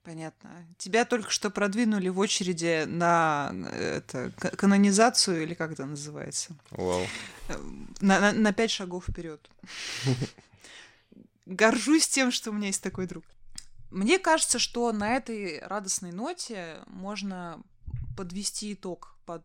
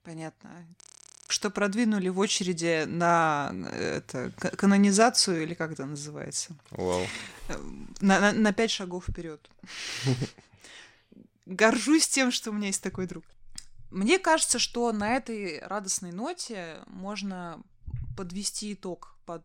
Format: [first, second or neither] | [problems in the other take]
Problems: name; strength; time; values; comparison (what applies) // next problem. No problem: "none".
first | audio freezing; at 1 s